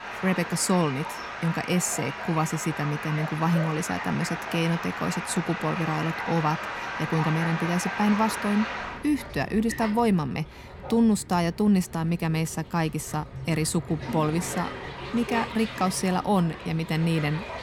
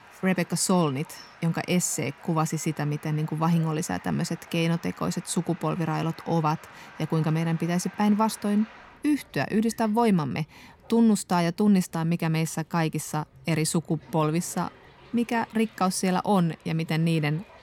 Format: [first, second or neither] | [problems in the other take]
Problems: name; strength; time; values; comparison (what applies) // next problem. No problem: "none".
second | rain or running water; loud; throughout; 7 dB below the speech; faint in the second